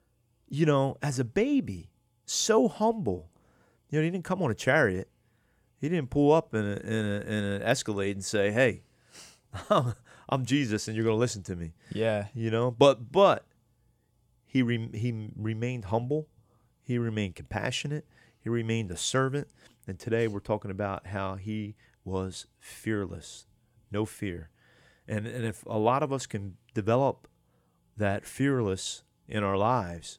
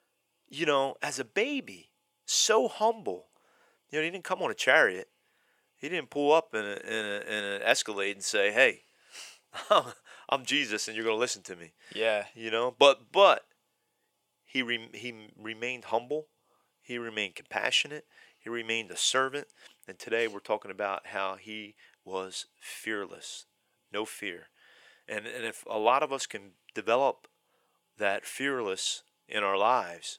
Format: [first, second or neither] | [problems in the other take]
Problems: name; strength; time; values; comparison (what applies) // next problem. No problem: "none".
first | thin; somewhat; fading below 500 Hz